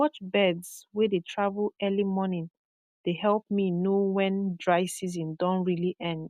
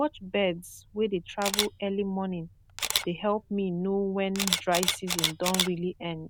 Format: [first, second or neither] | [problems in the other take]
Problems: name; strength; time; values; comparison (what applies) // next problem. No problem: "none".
first | background sound (Camera); 4 dB below the speech